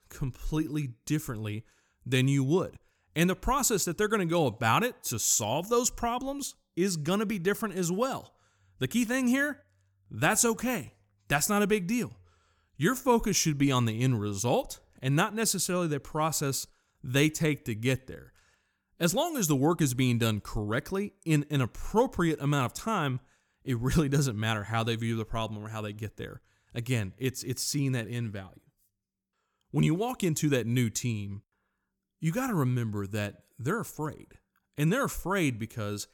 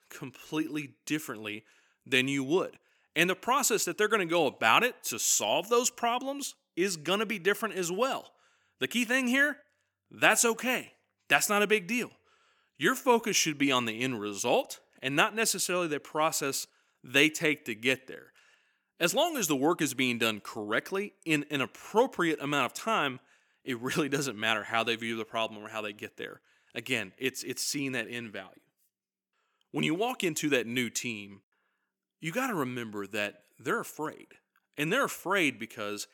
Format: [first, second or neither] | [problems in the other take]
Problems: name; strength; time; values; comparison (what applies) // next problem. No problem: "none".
first | thin; somewhat; fading below 300 Hz